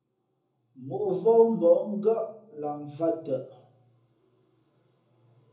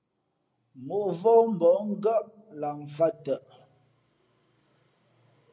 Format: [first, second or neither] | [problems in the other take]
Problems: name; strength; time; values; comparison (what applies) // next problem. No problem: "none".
second | room echo; dies away in 0.6 s